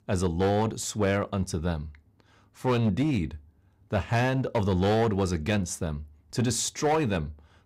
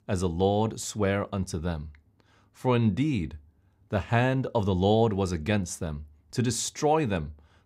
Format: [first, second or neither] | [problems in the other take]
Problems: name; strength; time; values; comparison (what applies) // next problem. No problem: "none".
second | distortion; slight; 7% of the sound clipped